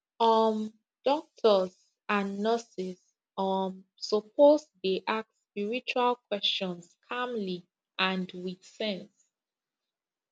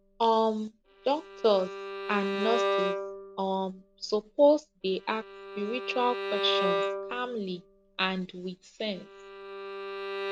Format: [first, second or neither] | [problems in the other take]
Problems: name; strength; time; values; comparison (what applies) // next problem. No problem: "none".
first | background sound (Bowed string instrument); 5 dB below the speech